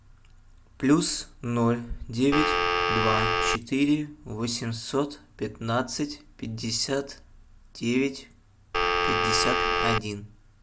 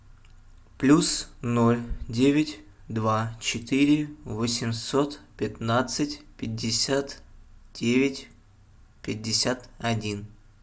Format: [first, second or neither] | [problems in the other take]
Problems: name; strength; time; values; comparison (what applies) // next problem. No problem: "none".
second | background sound (Telephone); 4 dB above the speech